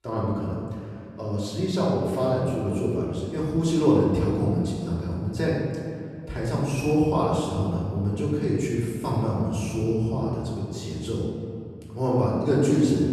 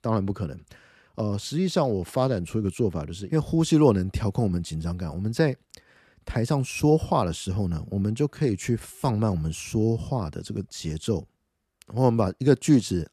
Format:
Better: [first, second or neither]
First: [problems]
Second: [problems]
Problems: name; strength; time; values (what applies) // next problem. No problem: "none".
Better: second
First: off-mic speech; far // room echo; noticeable; dies away in 2.1 s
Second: none